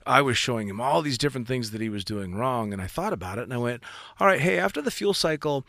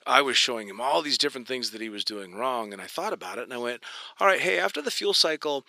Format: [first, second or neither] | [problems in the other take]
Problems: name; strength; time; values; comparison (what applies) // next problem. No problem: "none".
first | thin; somewhat; fading below 300 Hz